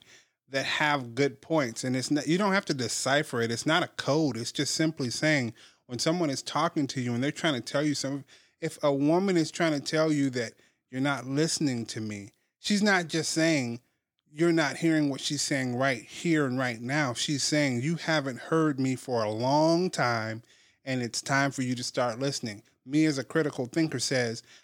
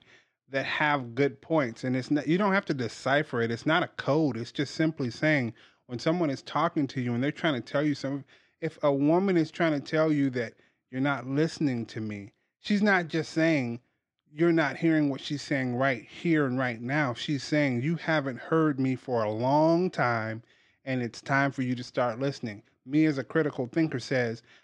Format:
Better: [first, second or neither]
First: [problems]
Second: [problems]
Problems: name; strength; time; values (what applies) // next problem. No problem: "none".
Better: first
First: none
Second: muffled; slightly; fading above 3 kHz